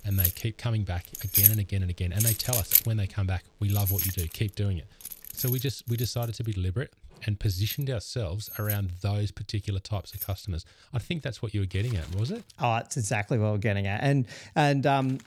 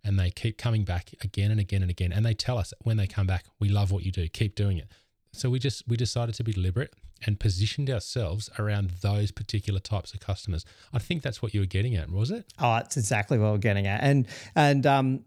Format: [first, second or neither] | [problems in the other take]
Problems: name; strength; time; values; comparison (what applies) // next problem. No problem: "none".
second | household noises; very loud; throughout; 3 dB above the speech